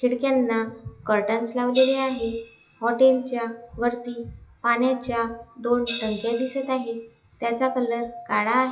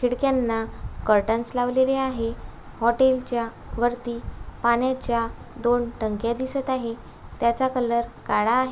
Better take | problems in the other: second | noise reduction (classical method WPE with log-MMSE)

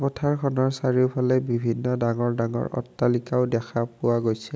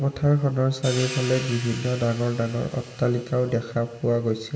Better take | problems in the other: first | background sound (Hi-hat); 15 dB below the speech // room echo; dies away in 2.2 s

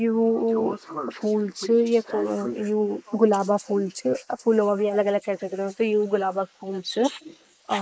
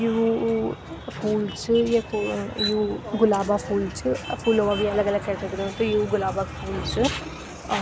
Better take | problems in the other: second | noise reduction (neural mask model Resemble Enhance denoiser)

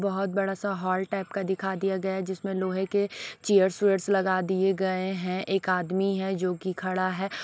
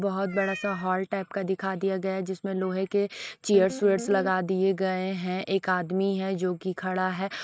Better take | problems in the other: first | noise reduction (neural mask model RNNoise)

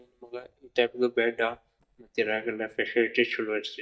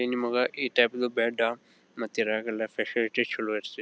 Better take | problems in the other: second | noise reduction (neural mask model DeepFilterNet 3)

